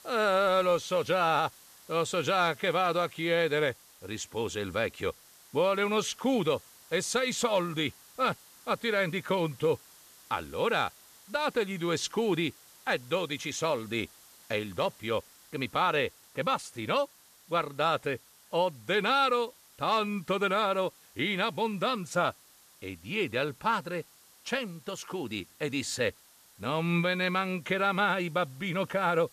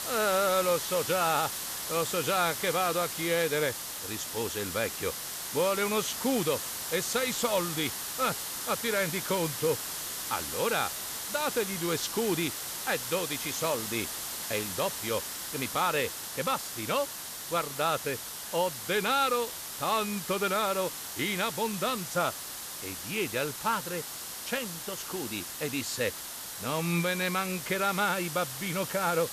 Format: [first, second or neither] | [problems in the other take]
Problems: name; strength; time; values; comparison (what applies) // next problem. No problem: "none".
first | hiss; loud; throughout; 4 dB below the speech; faint in the first